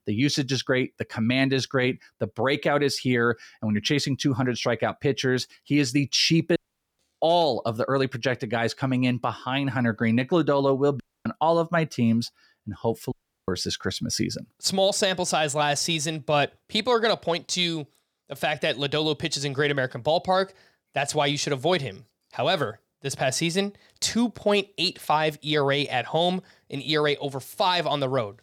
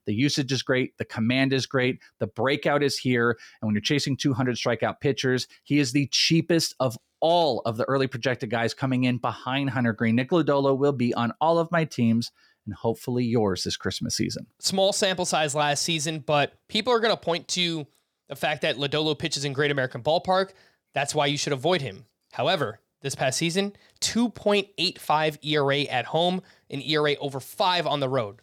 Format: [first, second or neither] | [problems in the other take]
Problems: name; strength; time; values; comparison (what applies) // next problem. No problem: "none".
second | audio cutting out; at 6.5 s, at 11 s and at 13 s